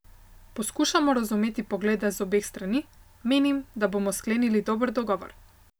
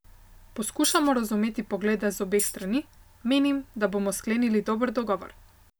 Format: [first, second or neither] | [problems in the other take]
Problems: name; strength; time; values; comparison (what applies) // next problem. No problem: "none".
first | background sound (Tambourine); 8 dB below the speech